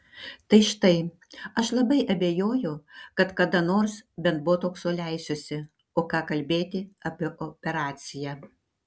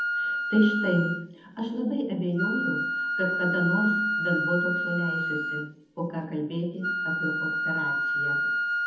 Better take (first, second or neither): first